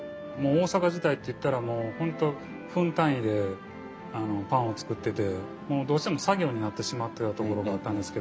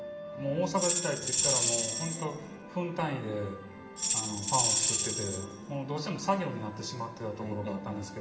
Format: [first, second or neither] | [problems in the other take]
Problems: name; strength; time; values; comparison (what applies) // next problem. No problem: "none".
first | background sound (Tambourine); 4 dB above the speech // room echo; dies away in 1.7 s